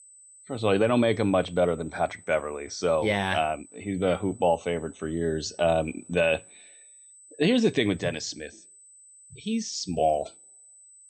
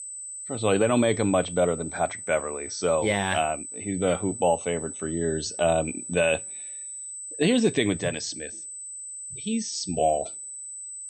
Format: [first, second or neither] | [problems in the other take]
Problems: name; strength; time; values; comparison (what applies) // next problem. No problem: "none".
first | high-pitched whine; loud; throughout; 8 kHz, 9 dB below the speech; faint in the first